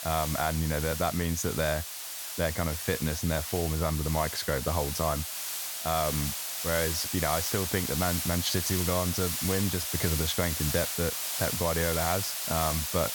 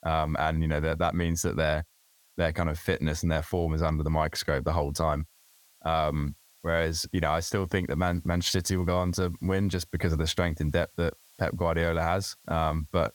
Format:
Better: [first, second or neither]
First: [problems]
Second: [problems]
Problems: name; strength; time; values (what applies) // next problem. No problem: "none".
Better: second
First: hiss; loud; throughout; 1 dB below the speech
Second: hiss; faint; throughout; 30 dB below the speech